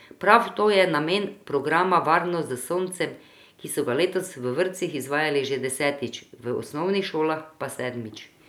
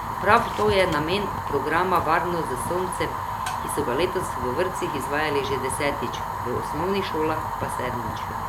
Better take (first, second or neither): first